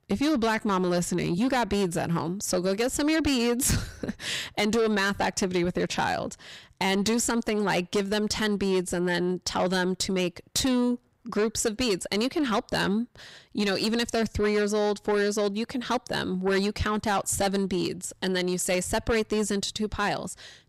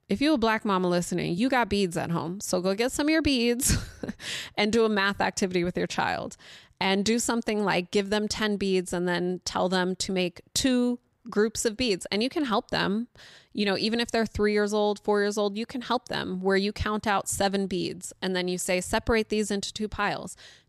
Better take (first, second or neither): second